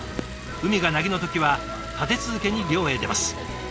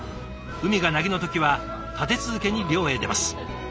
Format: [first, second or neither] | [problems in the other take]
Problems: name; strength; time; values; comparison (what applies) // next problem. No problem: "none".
second | background sound (Liquid + Fireworks); 15 dB below the speech